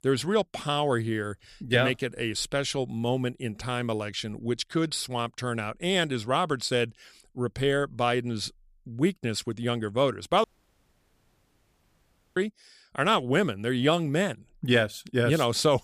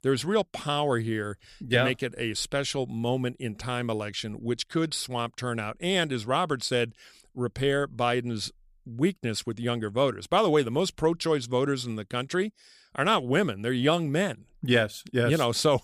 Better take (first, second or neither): second